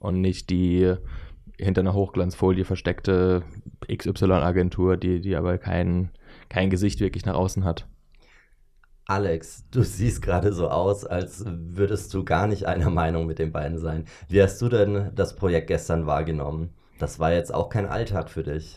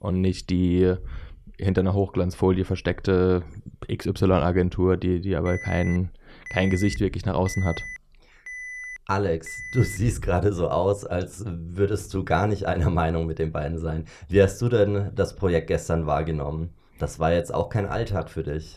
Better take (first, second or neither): first